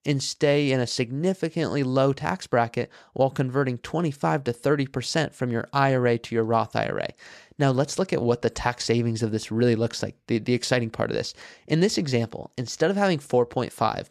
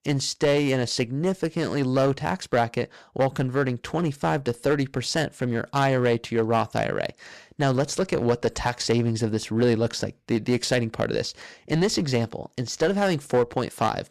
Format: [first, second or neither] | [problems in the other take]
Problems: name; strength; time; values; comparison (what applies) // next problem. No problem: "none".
first | distortion; slight; 6% of the sound clipped